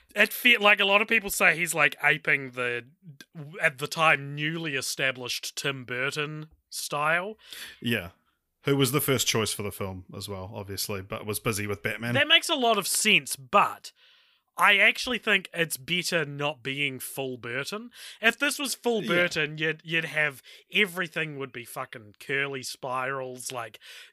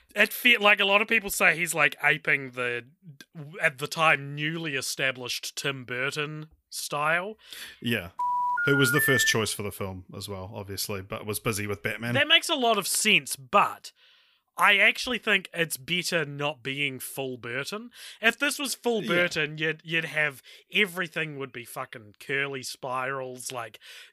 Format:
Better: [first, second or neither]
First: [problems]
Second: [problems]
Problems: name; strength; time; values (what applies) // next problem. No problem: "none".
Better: first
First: none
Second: phone ringing; loud; from 8 to 9.5 s; peak 2 dB above the speech